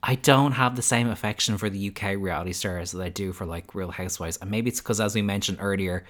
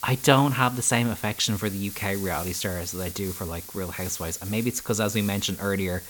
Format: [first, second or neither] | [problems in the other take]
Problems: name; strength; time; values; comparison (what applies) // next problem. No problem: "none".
first | hiss; noticeable; throughout; 10 dB below the speech